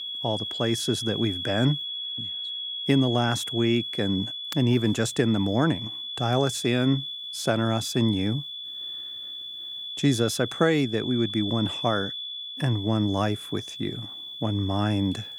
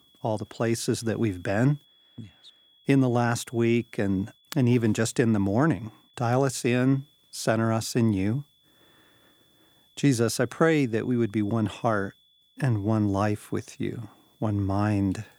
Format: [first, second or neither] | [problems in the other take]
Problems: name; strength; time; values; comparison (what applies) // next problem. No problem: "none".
second | high-pitched whine; loud; throughout; 3.5 kHz, 6 dB below the speech; faint in the second